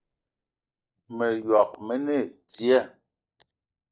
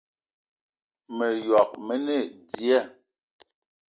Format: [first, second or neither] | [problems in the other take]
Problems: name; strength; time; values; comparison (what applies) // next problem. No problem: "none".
second | noise reduction (neural mask model DeepFilterNet 3)